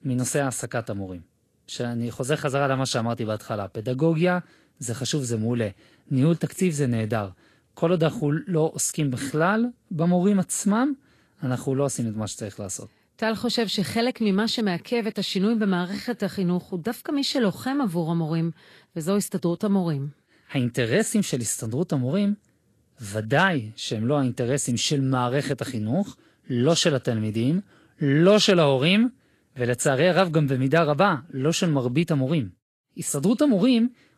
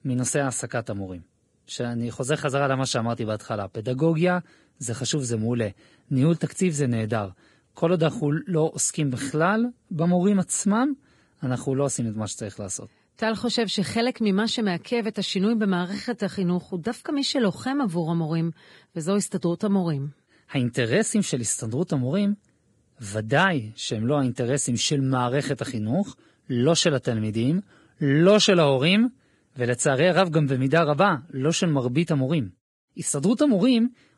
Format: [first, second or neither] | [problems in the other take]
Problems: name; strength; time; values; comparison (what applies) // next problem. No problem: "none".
first | garbled, watery; badly; nothing above 10 kHz; slightly in the first